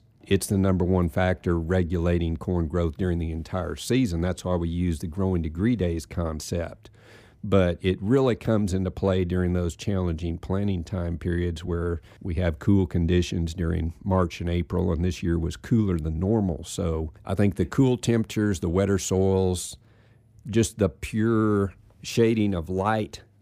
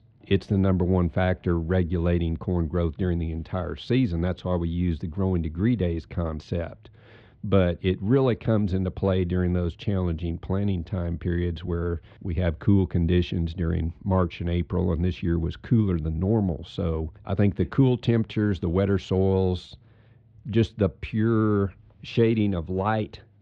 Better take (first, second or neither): first